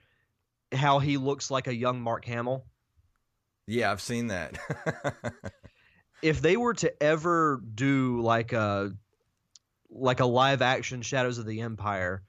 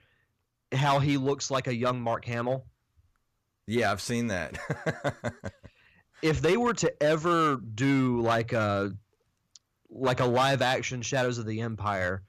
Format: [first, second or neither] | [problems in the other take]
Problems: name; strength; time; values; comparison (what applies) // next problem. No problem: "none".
first | distortion; slight; 4% of the sound clipped